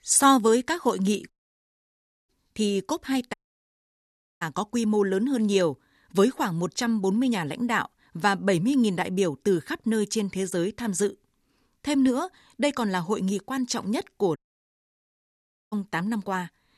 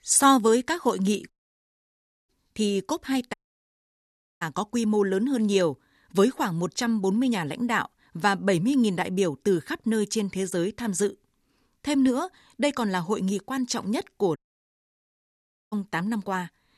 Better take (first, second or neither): neither